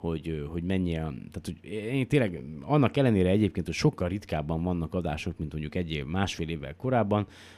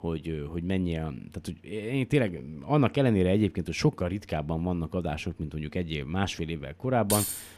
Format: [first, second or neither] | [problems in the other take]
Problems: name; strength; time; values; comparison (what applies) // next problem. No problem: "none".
first | jangling keys; loud; at 7 s; peak 1 dB above the speech